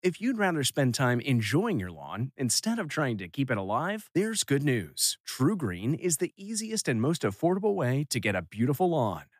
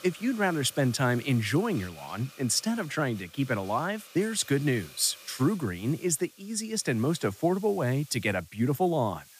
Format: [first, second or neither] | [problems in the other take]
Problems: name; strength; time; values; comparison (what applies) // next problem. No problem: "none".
first | hiss; faint; throughout; 20 dB below the speech